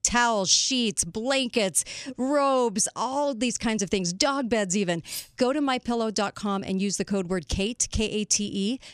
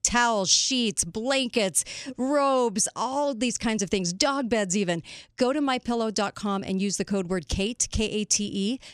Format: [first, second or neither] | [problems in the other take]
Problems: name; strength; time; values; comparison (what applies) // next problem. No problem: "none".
second | clattering dishes; faint; at 5 s; peak 10 dB below the speech